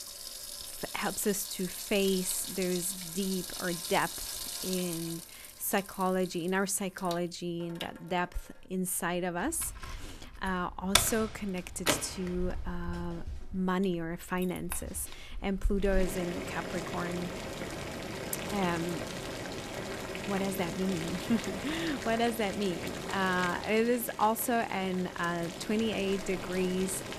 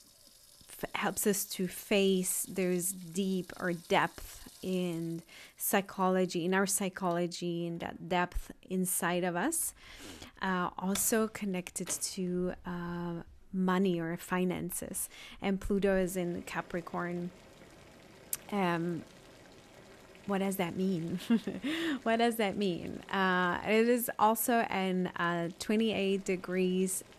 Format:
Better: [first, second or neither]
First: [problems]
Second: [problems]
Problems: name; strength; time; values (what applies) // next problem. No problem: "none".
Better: second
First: household noises; loud; throughout; 5 dB below the speech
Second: household noises; faint; throughout; 20 dB below the speech